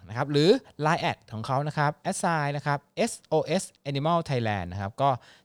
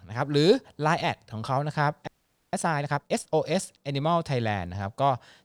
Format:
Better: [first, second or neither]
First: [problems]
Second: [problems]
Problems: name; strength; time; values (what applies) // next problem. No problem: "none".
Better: first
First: none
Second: audio freezing; at 2 s